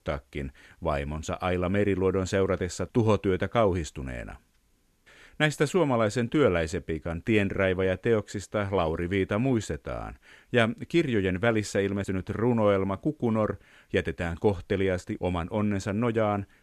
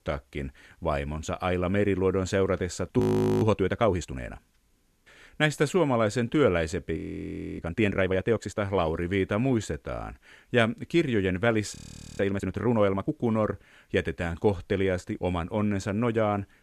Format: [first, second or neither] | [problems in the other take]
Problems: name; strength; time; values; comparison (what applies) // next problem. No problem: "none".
first | audio freezing; at 3 s, at 7 s for 0.5 s and at 12 s